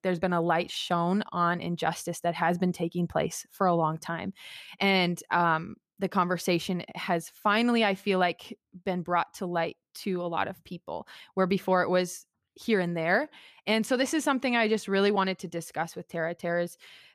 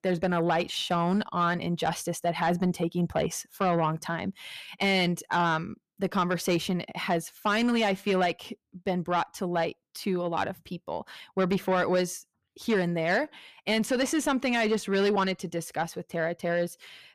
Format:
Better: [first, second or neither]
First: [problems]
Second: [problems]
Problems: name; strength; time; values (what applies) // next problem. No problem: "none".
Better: first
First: none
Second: distortion; slight; 10 dB below the speech